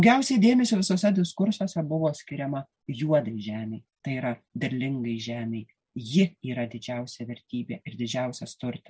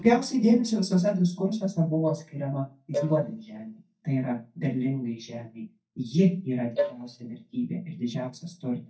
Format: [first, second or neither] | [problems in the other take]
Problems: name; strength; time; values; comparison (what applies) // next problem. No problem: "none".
first | noise reduction (neural mask model DeepFilterNet 3)